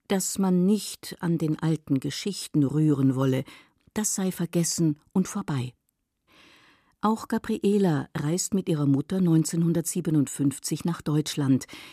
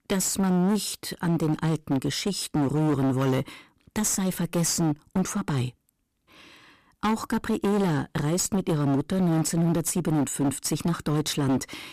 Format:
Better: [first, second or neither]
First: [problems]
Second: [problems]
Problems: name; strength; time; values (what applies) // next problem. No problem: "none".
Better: first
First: none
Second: distortion; heavy; 21% of the sound clipped